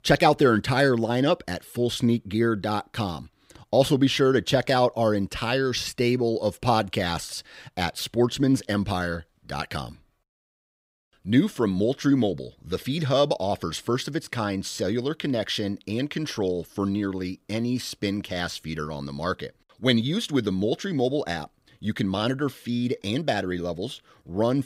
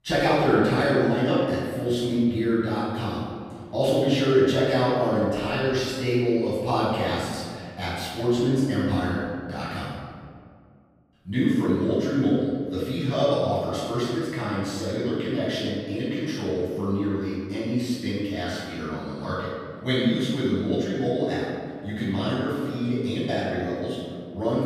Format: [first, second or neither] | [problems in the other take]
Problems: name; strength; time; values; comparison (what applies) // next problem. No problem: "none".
first | off-mic speech; far // room echo; strong; dies away in 1.8 s